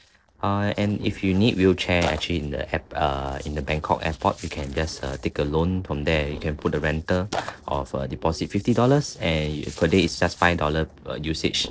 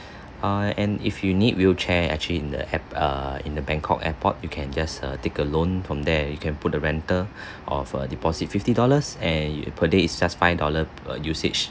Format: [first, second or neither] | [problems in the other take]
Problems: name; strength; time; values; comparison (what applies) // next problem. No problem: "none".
second | noise reduction (neural separator model SepFormer DNS4)